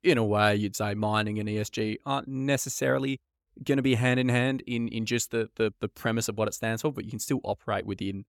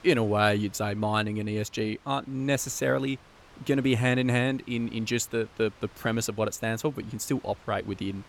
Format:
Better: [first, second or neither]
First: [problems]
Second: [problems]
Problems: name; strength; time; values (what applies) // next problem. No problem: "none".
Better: first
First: none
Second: wind noise on the microphone; occasional gusts; 25 dB below the speech